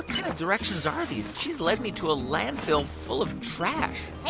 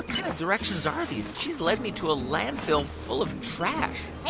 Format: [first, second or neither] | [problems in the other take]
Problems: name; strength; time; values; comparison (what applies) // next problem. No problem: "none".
first | background sound (Insect); 17 dB below the speech